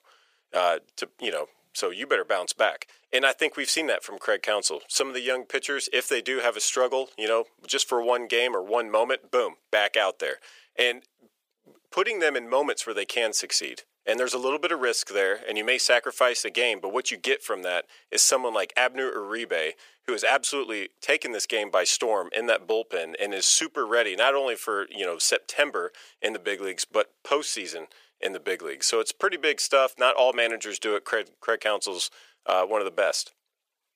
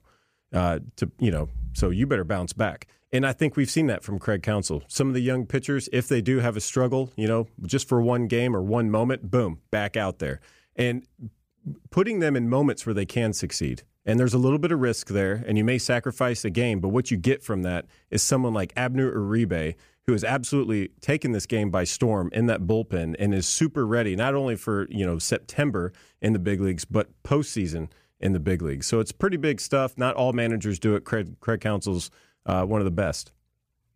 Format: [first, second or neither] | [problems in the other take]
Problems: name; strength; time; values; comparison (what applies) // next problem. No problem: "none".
second | thin; very; fading below 450 Hz